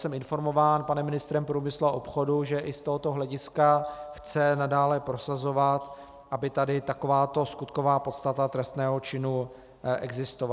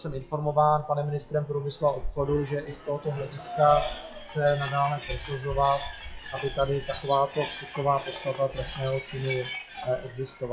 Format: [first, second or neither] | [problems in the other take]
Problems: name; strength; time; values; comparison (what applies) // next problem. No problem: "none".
first | noise reduction (classical method WPE with log-MMSE)